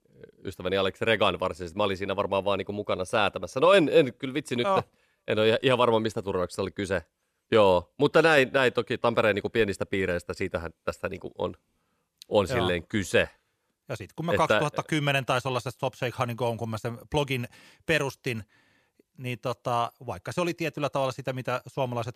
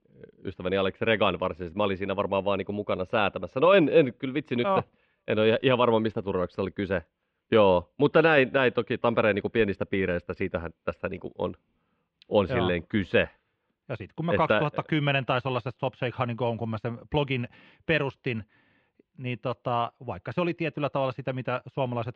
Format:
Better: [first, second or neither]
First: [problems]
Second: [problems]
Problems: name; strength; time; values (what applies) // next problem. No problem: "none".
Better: first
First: none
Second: muffled; slightly; fading above 3 kHz